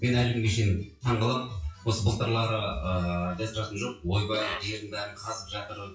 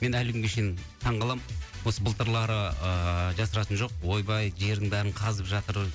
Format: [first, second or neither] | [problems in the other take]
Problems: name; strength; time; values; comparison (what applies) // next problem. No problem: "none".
second | noise reduction (classical method WPE with log-MMSE)